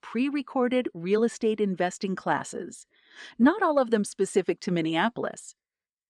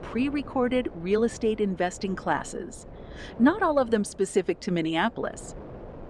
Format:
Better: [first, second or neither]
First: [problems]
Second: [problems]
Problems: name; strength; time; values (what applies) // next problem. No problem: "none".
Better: first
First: none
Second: wind noise on the microphone; occasional gusts; 20 dB below the speech